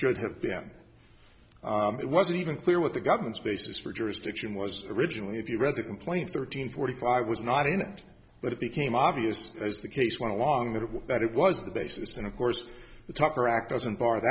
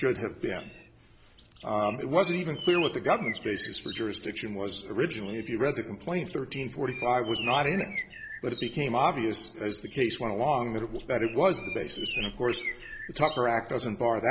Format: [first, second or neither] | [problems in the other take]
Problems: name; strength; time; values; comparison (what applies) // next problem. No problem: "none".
first | background sound (Bird); 12 dB below the speech